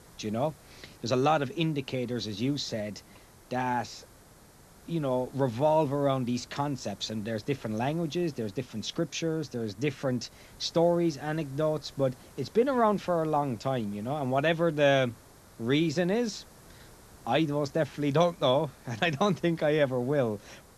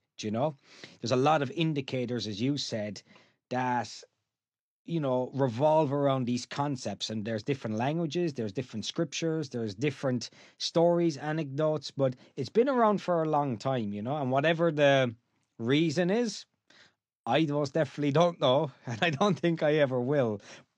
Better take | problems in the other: second | hiss; faint; throughout; 25 dB below the speech

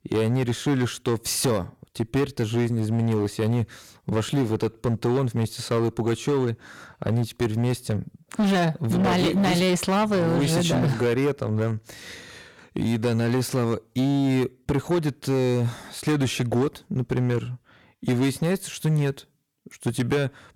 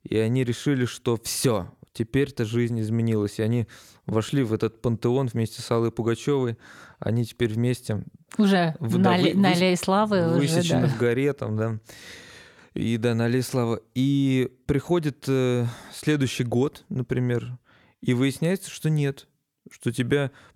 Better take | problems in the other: second | distortion; slight; 14% of the sound clipped

